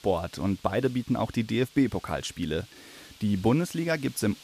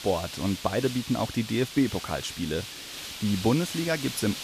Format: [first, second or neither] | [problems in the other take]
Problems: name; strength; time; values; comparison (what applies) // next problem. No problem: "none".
first | hiss; loud; throughout; 8 dB below the speech; faint in the first